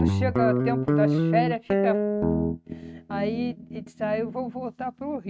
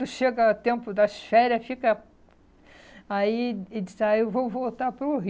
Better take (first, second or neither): second